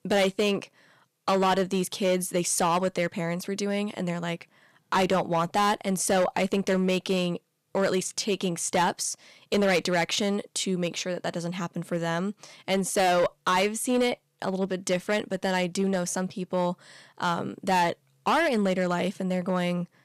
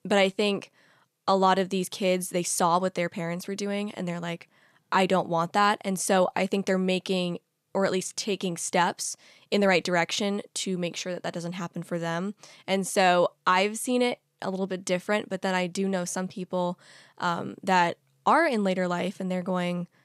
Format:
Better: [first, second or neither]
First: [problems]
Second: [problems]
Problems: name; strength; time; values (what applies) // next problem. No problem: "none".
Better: second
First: distortion; slight; 6% of the sound clipped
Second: none